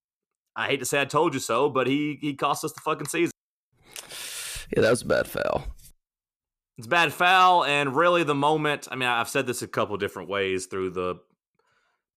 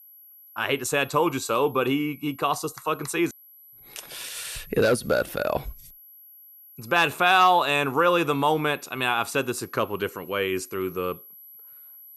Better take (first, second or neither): first